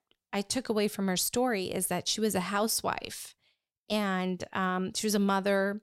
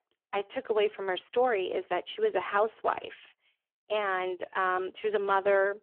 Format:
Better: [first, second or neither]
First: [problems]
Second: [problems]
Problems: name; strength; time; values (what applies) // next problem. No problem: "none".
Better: first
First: none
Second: phone-call audio; poor line